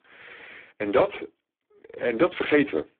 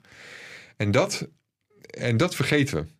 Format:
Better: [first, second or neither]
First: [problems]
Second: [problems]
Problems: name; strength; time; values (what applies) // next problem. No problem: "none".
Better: second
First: phone-call audio; poor line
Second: none